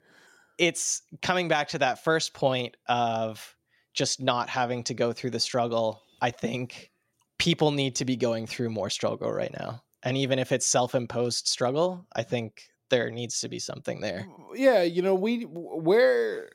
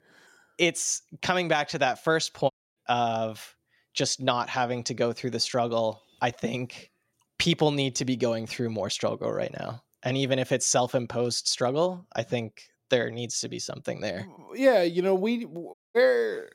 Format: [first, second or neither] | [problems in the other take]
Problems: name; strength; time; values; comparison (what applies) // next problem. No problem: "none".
first | audio cutting out; at 2.5 s and at 16 s